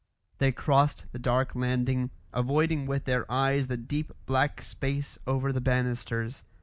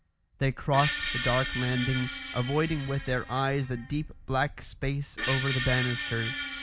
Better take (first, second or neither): first